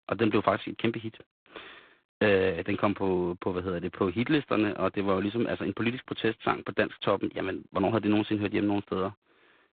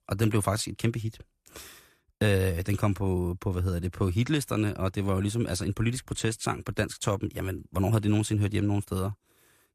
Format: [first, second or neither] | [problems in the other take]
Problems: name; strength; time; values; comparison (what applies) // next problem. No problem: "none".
second | phone-call audio; poor line; nothing above 4 kHz